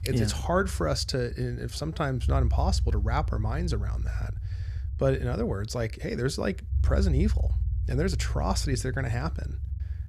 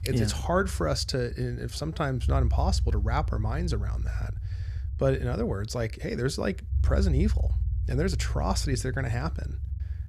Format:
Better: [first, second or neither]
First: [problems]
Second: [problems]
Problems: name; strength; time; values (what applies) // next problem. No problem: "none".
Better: neither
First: low rumble; noticeable; throughout; 20 dB below the speech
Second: low rumble; noticeable; throughout; 20 dB below the speech